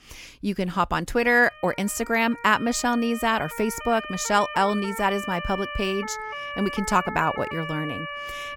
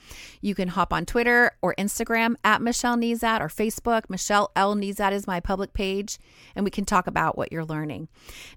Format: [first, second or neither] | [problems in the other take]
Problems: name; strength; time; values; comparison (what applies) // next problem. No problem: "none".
second | siren; noticeable; from 1 s on; peak 8 dB below the speech